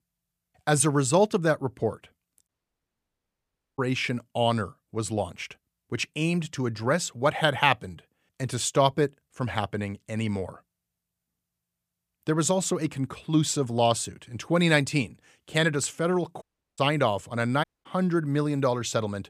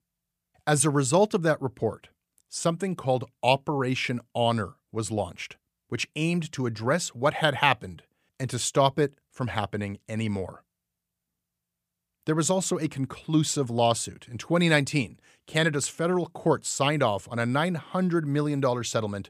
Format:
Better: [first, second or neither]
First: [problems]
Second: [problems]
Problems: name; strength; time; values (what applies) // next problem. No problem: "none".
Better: second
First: audio cutting out; at 2.5 s for 1.5 s, at 16 s and at 18 s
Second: none